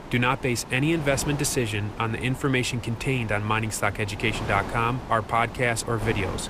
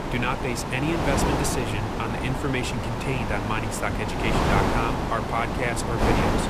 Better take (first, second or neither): first